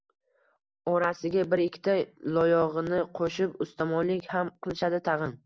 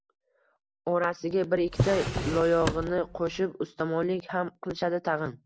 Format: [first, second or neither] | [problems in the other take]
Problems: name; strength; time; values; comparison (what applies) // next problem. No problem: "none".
first | background sound (Drawer open or close); 3 dB below the speech